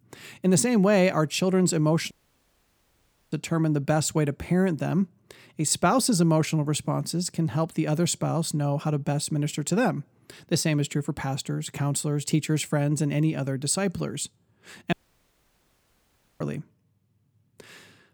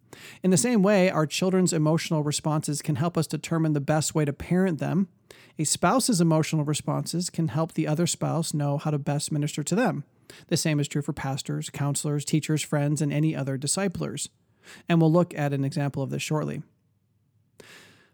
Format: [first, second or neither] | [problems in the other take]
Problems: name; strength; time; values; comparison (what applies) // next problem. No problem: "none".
second | audio cutting out; at 2 s for 1 s and at 15 s for 1.5 s